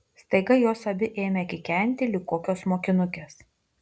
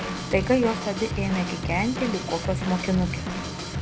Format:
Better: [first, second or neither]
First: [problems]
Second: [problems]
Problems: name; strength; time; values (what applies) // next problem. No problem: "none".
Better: first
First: none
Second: background sound (Drum / Drum kit); 4 dB below the speech